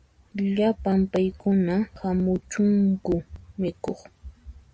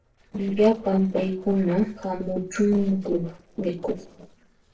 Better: first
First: none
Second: noise reduction (neural separator model SepFormer DNS4)

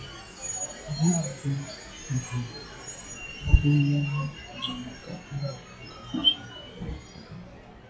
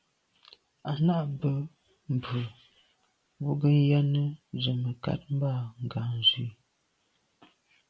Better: second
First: noise reduction (classical method log-MMSE)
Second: none

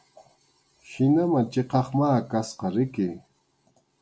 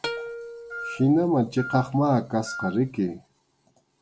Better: first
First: none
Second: background sound (Plucked string instrument + Wind instrument, woodwind instrument); 11 dB below the speech

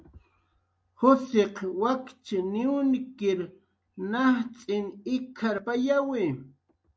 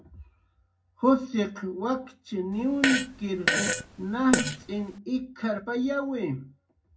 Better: first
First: none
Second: background sound (Fart); 1 dB below the speech // room echo; dies away in 0.4 s

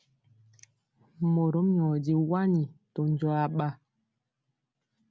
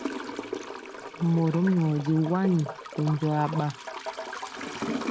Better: first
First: none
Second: background sound (Toilet flush / Gurgling); 9 dB below the speech

